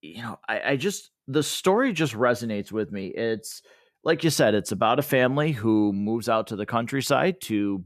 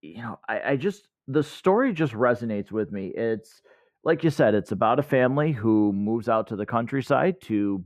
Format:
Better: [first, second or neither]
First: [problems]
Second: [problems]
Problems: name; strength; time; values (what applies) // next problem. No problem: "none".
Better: first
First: none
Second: muffled; very; fading above 3 kHz